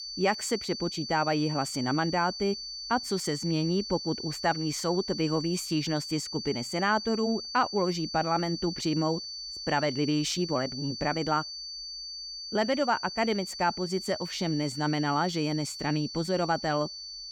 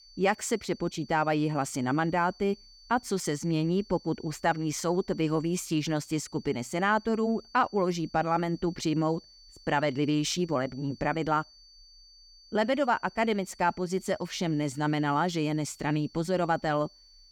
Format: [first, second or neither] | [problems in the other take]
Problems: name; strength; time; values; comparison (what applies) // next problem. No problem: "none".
second | high-pitched whine; loud; throughout; 4.5 kHz, 7 dB below the speech; faint in the second